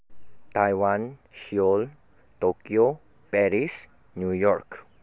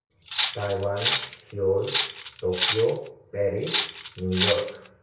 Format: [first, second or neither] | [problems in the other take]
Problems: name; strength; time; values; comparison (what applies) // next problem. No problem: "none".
first | background sound (Cutlery, silverware); 2 dB below the speech // room echo; dies away in 0.6 s